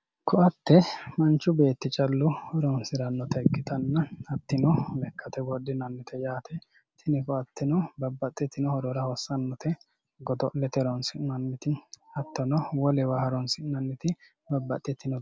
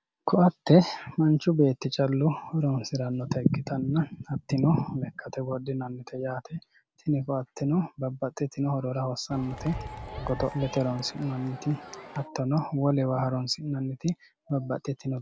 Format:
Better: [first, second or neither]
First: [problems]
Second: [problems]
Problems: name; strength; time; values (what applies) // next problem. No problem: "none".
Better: first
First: none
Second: background sound (Crowd); 12 dB below the speech